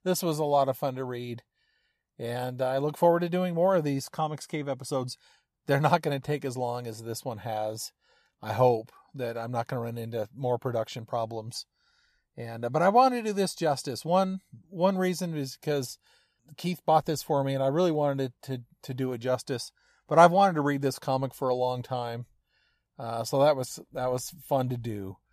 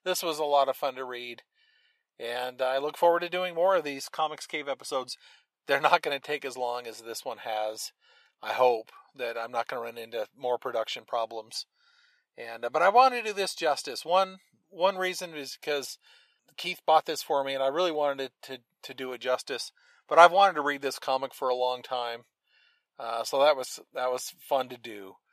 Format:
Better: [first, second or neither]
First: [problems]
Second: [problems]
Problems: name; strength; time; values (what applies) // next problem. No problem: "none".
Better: first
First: none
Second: thin; very; fading below 500 Hz